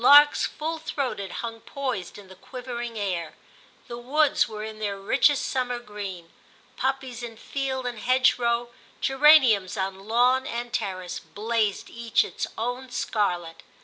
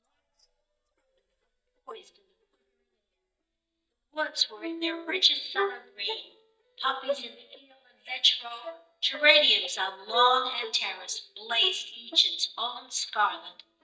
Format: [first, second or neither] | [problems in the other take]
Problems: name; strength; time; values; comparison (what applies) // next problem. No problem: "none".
first | noise reduction (neural mask model DeepFilterNet 3)